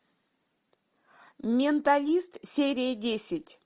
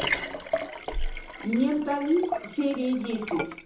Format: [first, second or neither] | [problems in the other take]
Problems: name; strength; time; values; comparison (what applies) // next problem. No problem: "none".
first | background sound (Liquid); 4 dB below the speech // room echo; dies away in 0.5 s